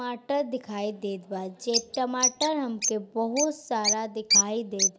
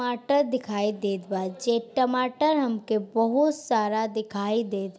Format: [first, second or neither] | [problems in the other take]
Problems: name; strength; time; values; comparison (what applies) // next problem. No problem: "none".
second | noise reduction (neural mask model Resemble Enhance denoiser)